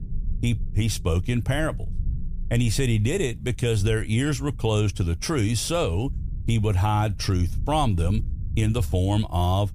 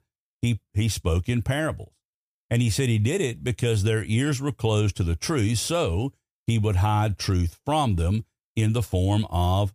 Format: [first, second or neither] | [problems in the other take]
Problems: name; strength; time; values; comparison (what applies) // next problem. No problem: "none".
second | low rumble; faint; throughout; 20 dB below the speech